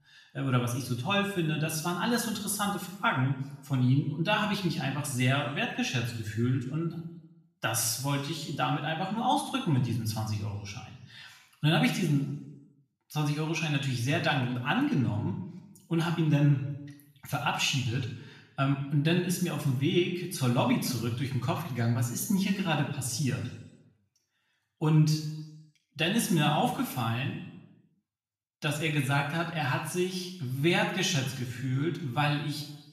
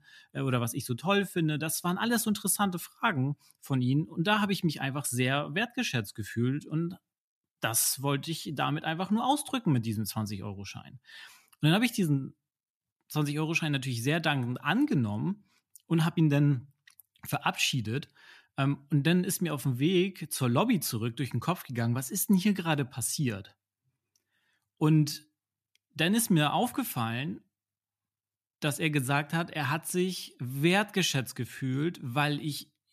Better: second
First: room echo; noticeable; dies away in 0.8 s // off-mic speech; somewhat distant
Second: none

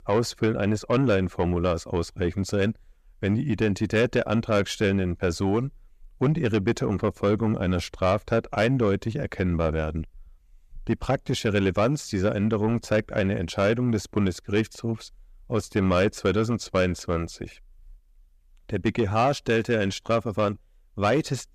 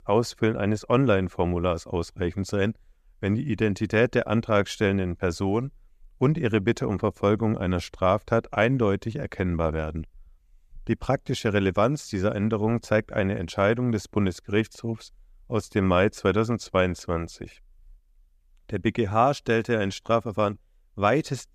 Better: second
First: distortion; slight; 10 dB below the speech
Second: none

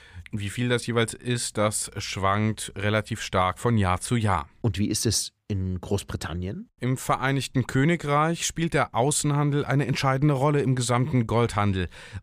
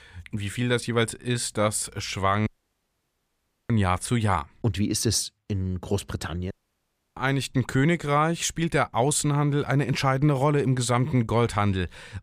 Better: first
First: none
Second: audio cutting out; at 2.5 s for 1 s and at 6.5 s for 0.5 s

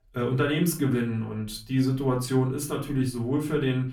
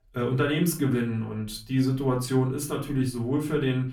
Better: neither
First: off-mic speech; far // room echo; very slight; dies away in 0.3 s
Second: off-mic speech; far // room echo; very slight; dies away in 0.3 s

